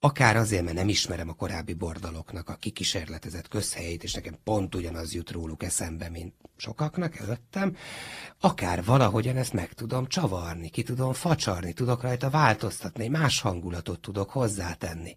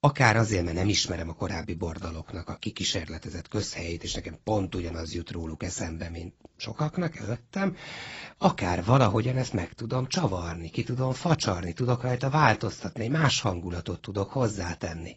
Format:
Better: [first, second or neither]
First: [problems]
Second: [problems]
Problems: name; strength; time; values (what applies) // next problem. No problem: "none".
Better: first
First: garbled, watery; slightly; nothing above 14.5 kHz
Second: garbled, watery; badly; nothing above 7.5 kHz